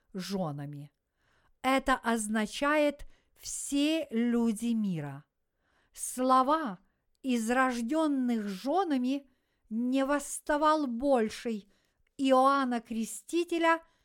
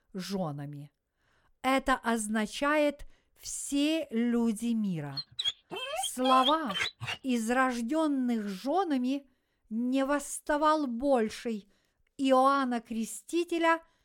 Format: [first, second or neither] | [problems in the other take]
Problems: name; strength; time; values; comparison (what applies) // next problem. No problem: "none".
first | dog barking; noticeable; from 5 to 7 s; peak 1 dB below the speech